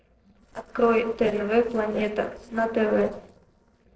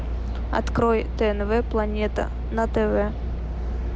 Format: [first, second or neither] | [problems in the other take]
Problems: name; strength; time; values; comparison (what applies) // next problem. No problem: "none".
second | noise reduction (neural separator model SepFormer DNS4)